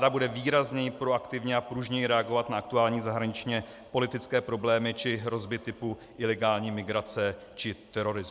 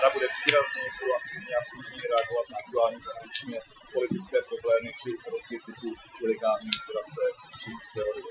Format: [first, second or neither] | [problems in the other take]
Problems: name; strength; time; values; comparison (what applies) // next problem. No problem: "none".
first | noise reduction (classical method Wiener filter)